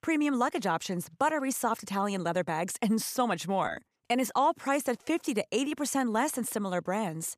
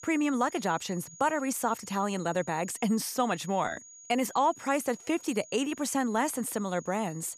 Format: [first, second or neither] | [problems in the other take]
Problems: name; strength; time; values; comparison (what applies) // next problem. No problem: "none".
first | high-pitched whine; noticeable; throughout; 6.5 kHz, 20 dB below the speech